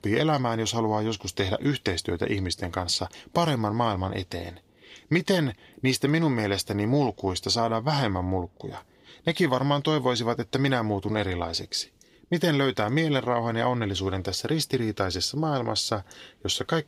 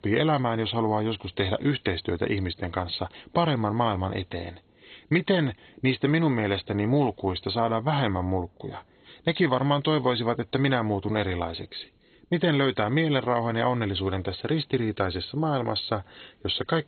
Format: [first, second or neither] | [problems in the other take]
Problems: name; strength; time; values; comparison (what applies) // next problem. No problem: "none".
first | garbled, watery; badly; nothing above 4 kHz